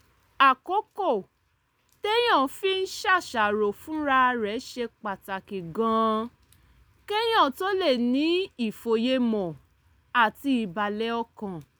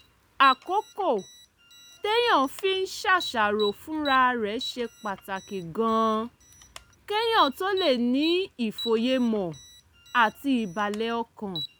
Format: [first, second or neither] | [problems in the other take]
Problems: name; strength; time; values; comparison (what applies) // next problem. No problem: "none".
first | background sound (Alarm); 16 dB below the speech